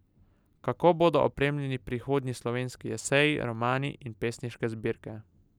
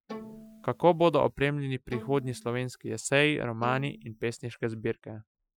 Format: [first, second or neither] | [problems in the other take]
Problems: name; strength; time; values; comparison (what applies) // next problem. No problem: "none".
first | noise reduction (classical method Wiener filter)